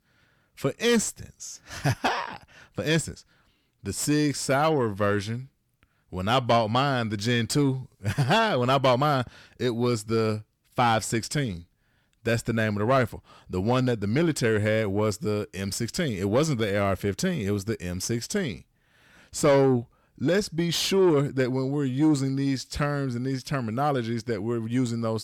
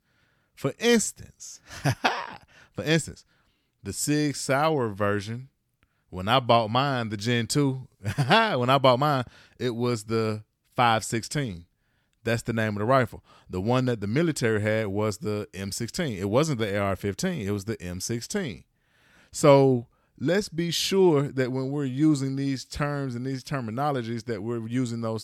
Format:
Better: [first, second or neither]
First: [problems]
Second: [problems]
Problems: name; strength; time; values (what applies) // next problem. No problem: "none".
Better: second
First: distortion; slight; 10 dB below the speech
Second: none